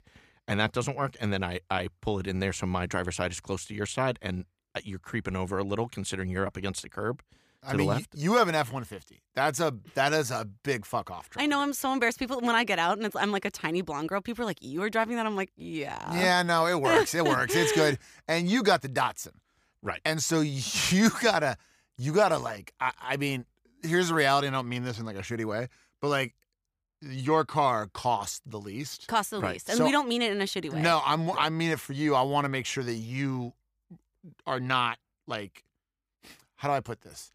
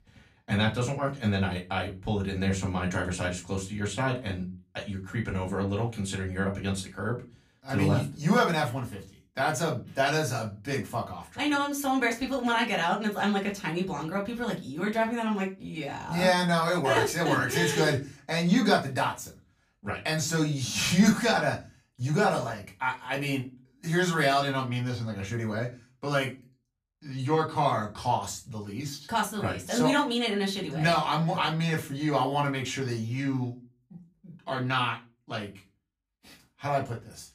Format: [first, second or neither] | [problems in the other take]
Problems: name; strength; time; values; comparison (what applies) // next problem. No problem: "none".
first | off-mic speech; far // room echo; very slight; dies away in 0.3 s